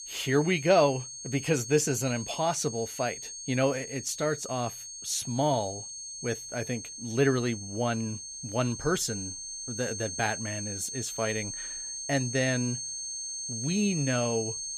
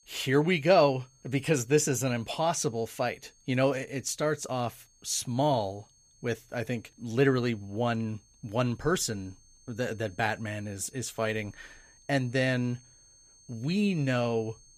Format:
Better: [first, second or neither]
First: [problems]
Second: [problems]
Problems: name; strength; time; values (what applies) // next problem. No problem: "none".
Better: second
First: high-pitched whine; loud; throughout; 6.5 kHz, 7 dB below the speech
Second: high-pitched whine; faint; throughout; 6.5 kHz, 30 dB below the speech